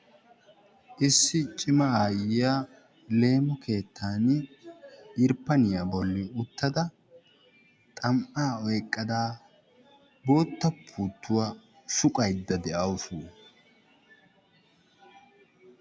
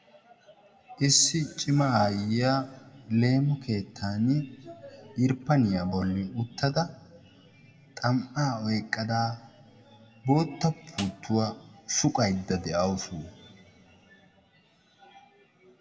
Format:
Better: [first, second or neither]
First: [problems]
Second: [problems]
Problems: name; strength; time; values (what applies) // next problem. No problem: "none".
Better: first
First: none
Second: background sound (Snare drum); 17 dB below the speech // room echo; dies away in 2 s